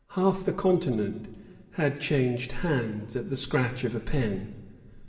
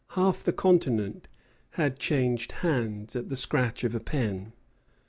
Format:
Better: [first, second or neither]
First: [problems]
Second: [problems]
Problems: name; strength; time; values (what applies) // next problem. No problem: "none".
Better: second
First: room echo; dies away in 2.2 s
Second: none